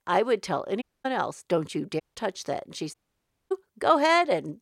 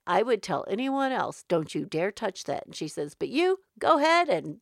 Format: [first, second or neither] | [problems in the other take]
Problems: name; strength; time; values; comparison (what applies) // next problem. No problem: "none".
second | audio cutting out; at 1 s, at 2 s and at 3 s for 0.5 s